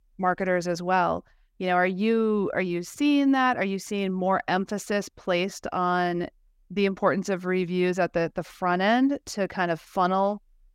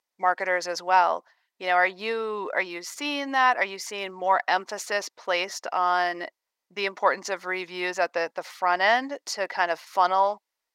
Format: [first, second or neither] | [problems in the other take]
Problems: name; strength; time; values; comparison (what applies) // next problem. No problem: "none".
first | thin; very; fading below 650 Hz